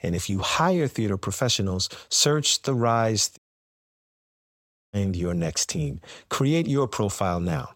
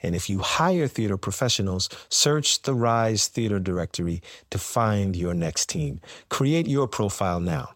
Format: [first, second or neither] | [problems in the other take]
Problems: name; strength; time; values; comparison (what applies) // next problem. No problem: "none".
second | audio cutting out; at 3.5 s for 1.5 s